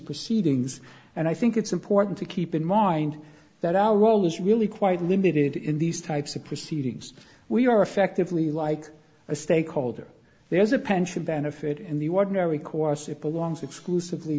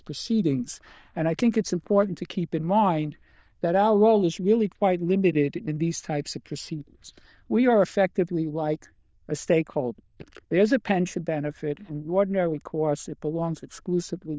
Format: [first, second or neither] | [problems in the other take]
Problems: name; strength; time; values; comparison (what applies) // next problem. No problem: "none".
first | noise reduction (neural diffusion model UNIVERSE++)